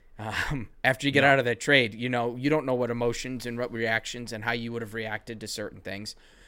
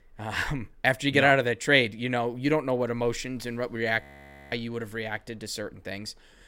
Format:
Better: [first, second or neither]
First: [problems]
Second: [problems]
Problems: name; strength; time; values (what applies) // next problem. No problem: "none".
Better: first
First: none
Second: audio freezing; at 4 s for 0.5 s